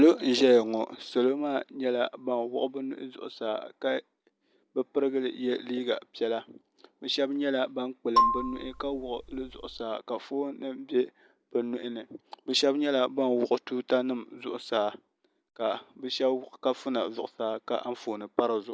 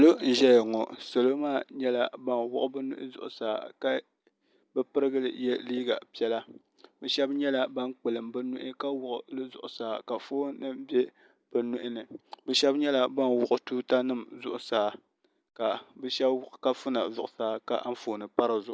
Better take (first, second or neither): second